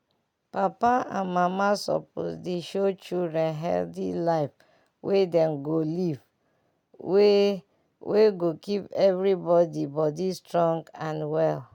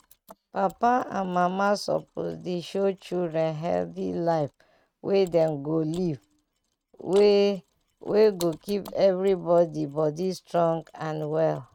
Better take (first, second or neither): first